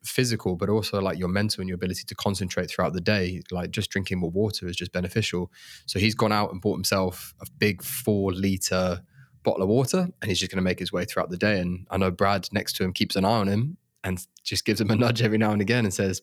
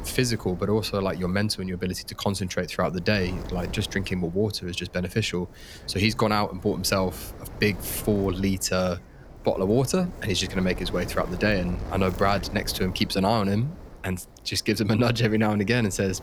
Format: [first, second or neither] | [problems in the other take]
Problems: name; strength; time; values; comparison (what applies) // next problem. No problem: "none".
first | wind noise on the microphone; occasional gusts; 20 dB below the speech